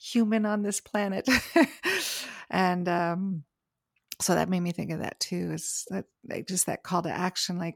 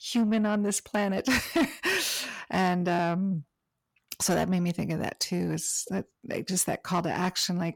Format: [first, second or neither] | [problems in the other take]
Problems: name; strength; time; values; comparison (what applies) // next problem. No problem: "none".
first | distortion; slight; 10 dB below the speech